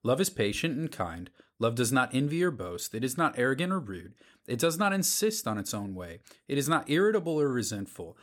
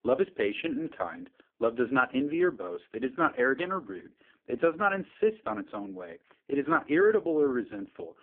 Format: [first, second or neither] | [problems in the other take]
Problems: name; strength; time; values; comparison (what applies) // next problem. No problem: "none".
first | phone-call audio; poor line